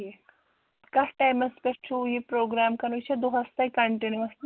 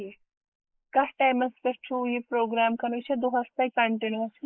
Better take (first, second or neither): first